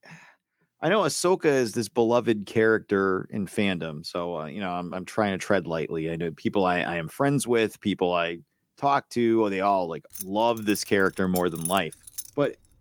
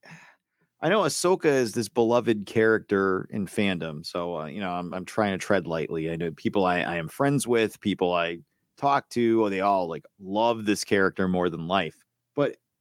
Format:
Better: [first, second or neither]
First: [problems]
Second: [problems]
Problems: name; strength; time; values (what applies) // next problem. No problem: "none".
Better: second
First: jangling keys; noticeable; from 10 to 12 s; peak 7 dB below the speech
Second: none